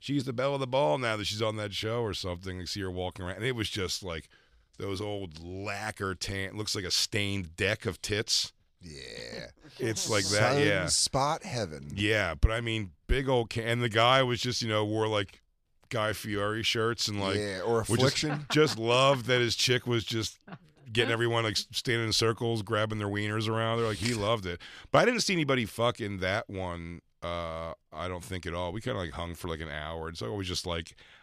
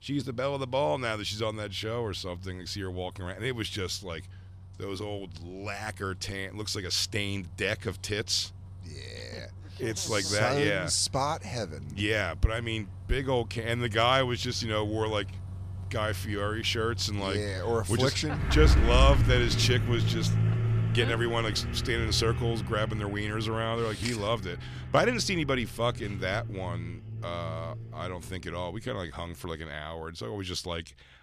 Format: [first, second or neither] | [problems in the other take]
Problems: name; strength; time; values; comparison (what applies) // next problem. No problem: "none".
first | traffic noise; loud; throughout; 3 dB below the speech